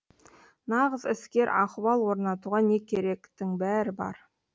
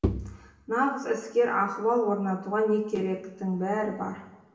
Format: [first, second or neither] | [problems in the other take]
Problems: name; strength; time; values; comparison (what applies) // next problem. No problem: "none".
first | background sound (Bowed string instrument); 5 dB below the speech // room echo; dies away in 1.1 s